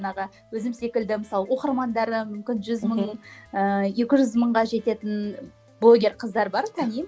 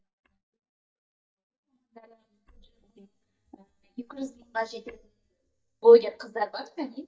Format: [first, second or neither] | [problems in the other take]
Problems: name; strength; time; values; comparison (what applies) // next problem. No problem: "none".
first | noise reduction (neural mask model DeepFilterNet 3)